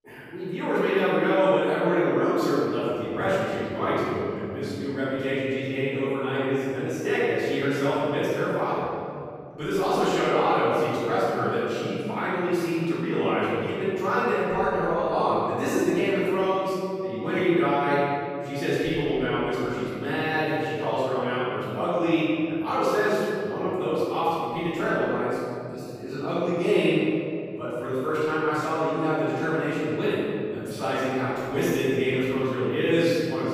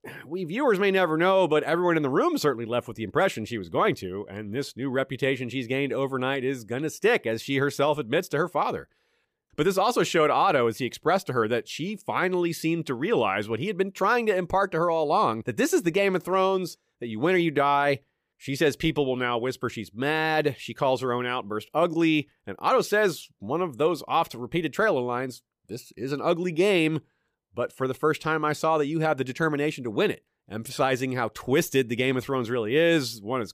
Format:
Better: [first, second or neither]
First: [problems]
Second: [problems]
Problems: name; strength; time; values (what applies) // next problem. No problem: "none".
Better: second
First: off-mic speech; far // room echo; strong; dies away in 2.4 s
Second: none